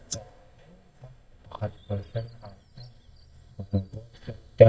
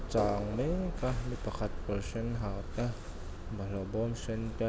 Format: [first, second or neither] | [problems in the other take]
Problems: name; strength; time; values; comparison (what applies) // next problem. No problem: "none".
second | noise reduction (neural mask model DeepFilterNet 3)